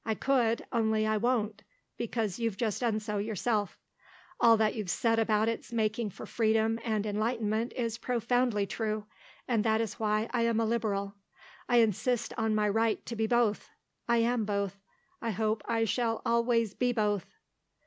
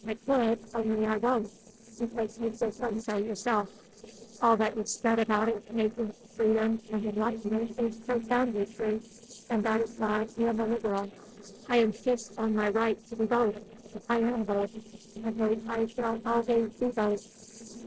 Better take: first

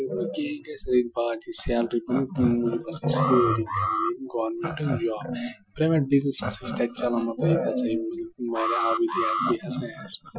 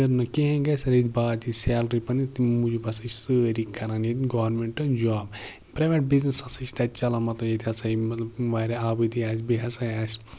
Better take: second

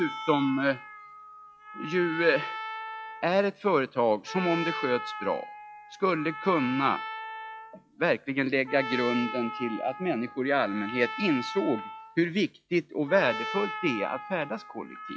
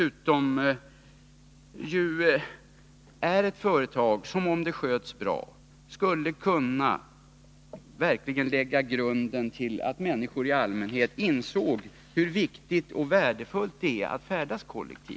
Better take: second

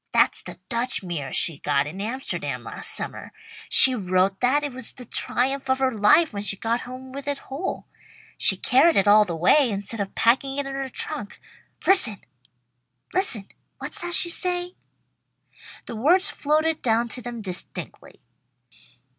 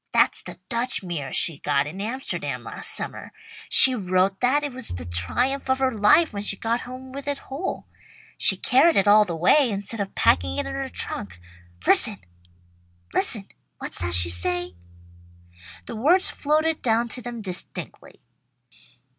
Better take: first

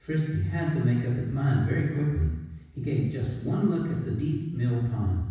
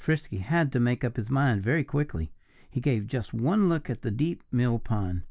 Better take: second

